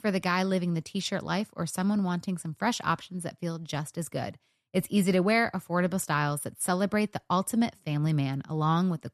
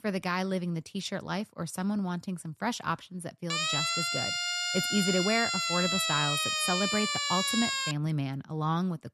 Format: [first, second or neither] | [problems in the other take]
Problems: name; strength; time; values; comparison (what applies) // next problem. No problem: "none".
first | siren; loud; from 3.5 to 8 s; peak 5 dB above the speech